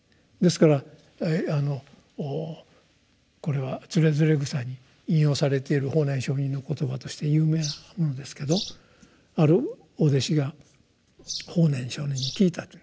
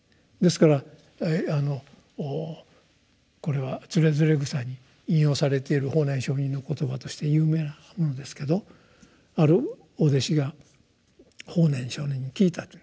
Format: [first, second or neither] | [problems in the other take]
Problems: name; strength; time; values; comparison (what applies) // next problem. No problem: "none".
second | background sound (Bird vocalization, bird call, bird song); 13 dB below the speech